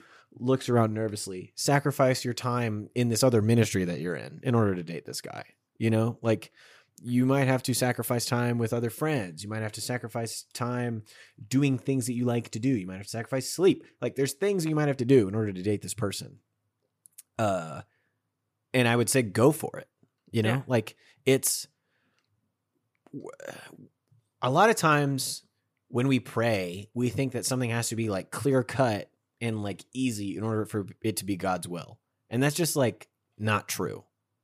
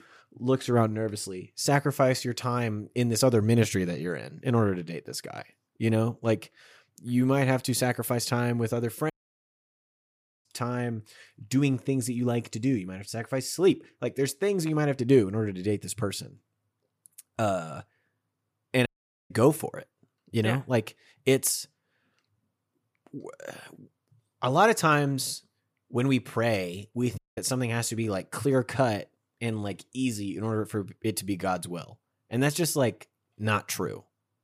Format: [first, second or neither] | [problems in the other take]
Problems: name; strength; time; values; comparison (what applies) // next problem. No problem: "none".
first | audio cutting out; at 9 s for 1.5 s, at 19 s and at 27 s